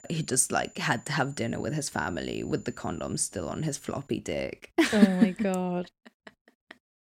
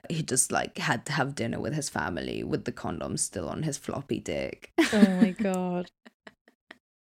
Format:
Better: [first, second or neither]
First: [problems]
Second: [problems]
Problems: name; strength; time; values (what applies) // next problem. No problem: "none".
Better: second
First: high-pitched whine; faint; until 4 s; 7 kHz, 25 dB below the speech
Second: none